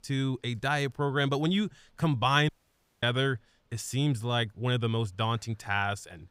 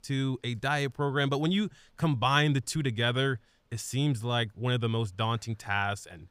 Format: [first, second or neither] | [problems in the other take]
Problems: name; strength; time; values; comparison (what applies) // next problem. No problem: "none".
second | audio cutting out; at 2.5 s for 0.5 s